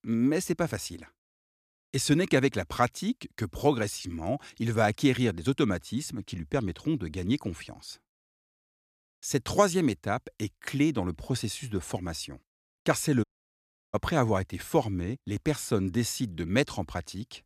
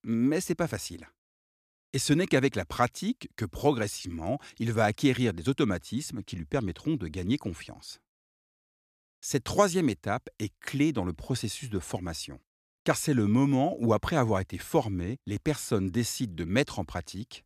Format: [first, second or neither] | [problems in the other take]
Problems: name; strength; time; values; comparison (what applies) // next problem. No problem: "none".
second | audio cutting out; at 13 s for 0.5 s